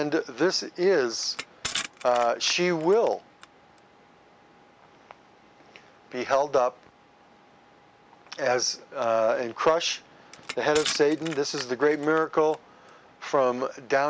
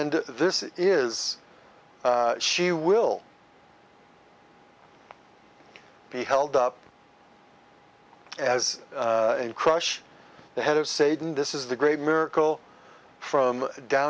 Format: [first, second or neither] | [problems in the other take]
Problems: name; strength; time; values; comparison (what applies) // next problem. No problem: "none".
second | background sound (Crushing); 12 dB below the speech